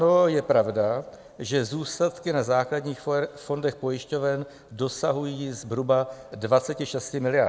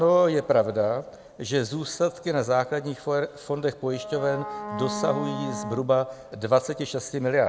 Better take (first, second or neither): first